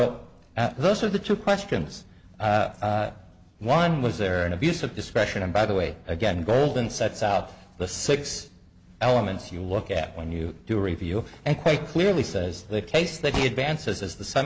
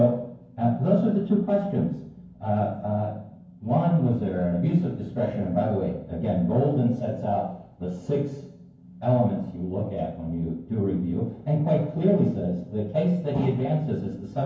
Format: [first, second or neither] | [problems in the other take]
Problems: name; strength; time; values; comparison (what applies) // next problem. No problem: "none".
first | room echo; dies away in 0.9 s